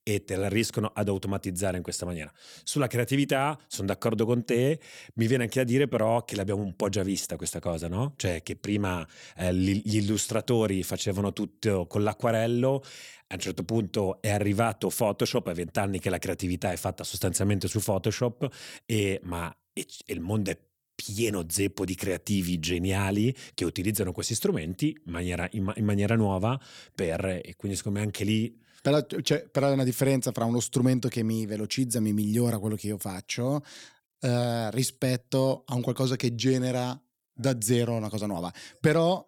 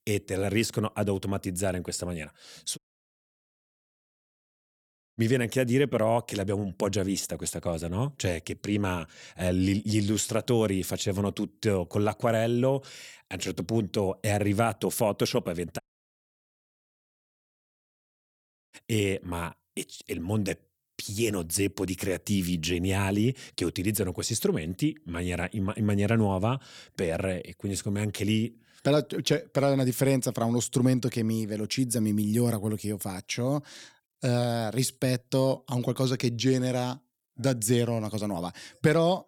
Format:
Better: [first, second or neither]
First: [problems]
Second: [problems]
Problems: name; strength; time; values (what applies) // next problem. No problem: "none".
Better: first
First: none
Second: audio cutting out; at 3 s for 2.5 s and at 16 s for 3 s